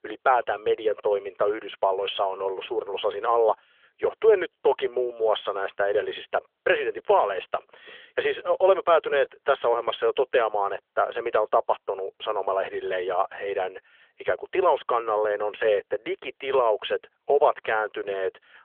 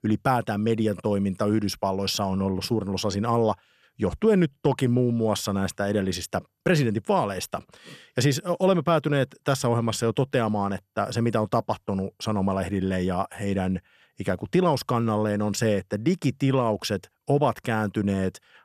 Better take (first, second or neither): second